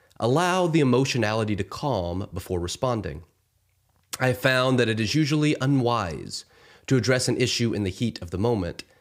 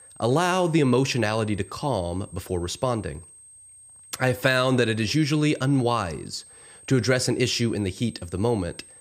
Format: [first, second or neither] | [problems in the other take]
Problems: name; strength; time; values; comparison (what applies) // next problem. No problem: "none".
first | high-pitched whine; faint; throughout; 8.5 kHz, 20 dB below the speech